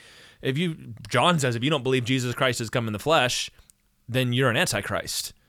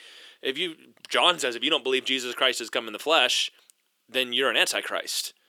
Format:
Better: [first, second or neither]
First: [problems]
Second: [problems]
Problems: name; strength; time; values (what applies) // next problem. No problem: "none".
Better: first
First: none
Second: thin; somewhat; fading below 350 Hz